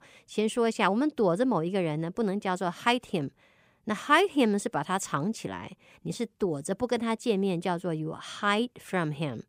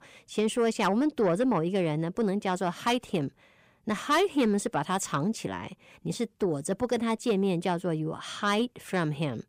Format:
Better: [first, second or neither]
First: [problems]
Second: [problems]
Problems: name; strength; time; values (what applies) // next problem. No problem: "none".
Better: first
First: none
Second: distortion; slight; 10 dB below the speech